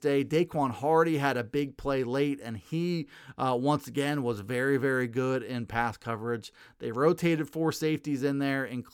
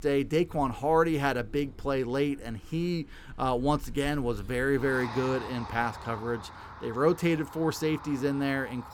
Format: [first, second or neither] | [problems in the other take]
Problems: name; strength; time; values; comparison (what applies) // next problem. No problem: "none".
first | traffic noise; noticeable; throughout; 15 dB below the speech